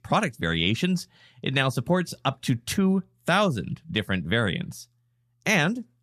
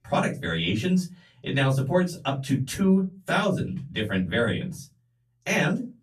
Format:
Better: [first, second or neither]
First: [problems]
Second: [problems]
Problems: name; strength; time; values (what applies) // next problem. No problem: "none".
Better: first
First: none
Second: off-mic speech; far // room echo; very slight; dies away in 0.2 s